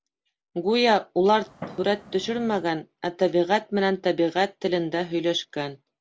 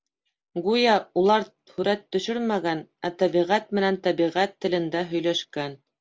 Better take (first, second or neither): second